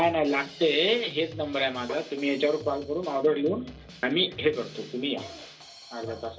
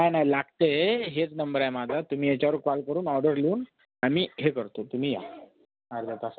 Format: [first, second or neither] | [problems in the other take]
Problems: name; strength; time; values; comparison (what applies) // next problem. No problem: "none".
second | background sound (Drum kit); 18 dB below the speech // room echo; dies away in 0.2 s